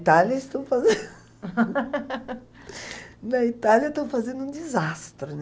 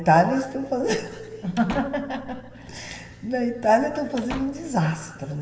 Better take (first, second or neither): first